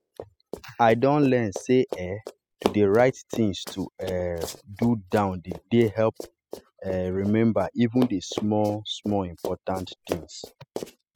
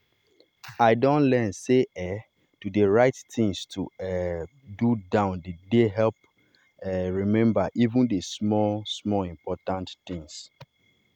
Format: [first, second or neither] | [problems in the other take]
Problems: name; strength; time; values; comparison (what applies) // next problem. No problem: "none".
second | noise reduction (classical method spectral subtraction)